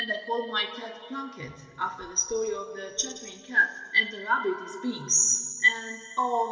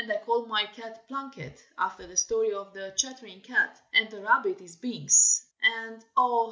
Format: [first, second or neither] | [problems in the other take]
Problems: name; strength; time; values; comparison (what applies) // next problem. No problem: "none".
second | room echo; dies away in 2.9 s